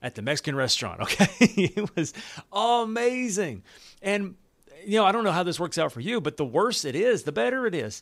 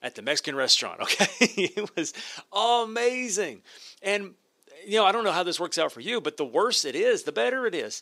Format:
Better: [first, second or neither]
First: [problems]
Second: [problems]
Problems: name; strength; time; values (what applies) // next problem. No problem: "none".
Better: first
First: none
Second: thin; somewhat; fading below 350 Hz